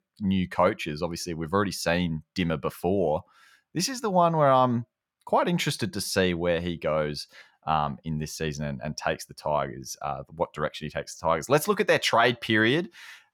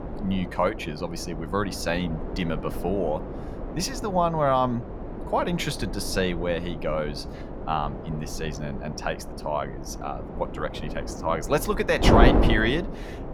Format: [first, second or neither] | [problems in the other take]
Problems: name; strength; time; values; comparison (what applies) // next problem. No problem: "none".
first | wind noise on the microphone; heavy; 7 dB below the speech